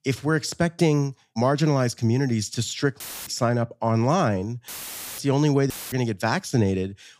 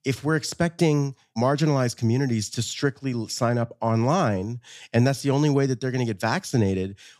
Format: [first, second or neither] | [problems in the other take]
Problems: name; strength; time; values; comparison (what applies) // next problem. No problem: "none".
second | audio cutting out; filled with static; at 3 s, at 4.5 s for 0.5 s and at 5.5 s